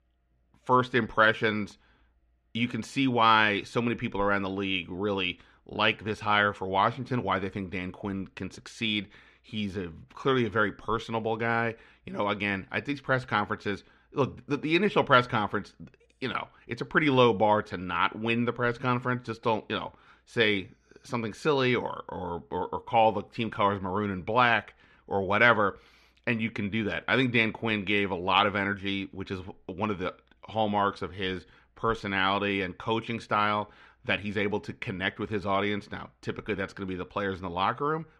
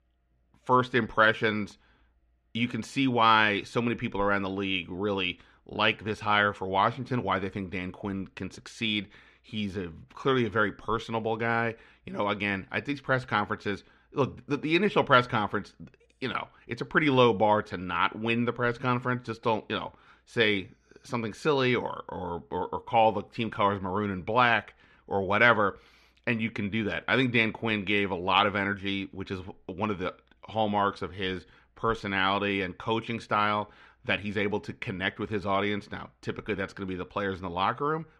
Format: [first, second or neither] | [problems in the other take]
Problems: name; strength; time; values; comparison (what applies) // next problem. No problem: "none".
neither | muffled; slightly; fading above 3 kHz; the same in both